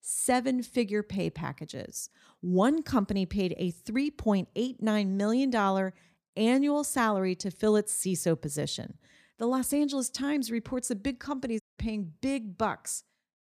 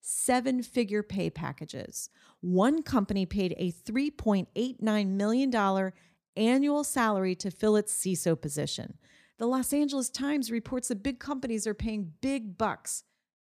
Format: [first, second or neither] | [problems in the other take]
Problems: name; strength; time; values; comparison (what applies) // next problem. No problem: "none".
second | audio cutting out; at 12 s